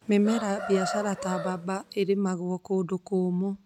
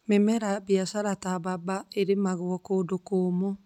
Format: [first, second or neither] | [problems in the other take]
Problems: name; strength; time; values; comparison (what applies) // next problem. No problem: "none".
second | background sound (Chicken, rooster); 9 dB below the speech